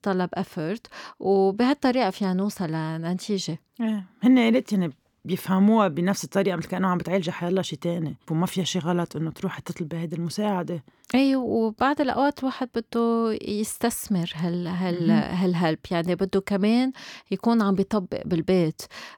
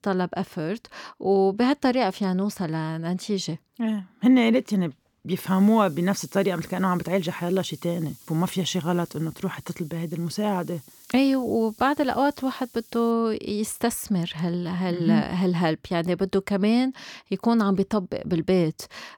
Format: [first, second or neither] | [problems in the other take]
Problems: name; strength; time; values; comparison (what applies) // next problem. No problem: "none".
first | hiss; faint; from 5.5 to 13 s; 25 dB below the speech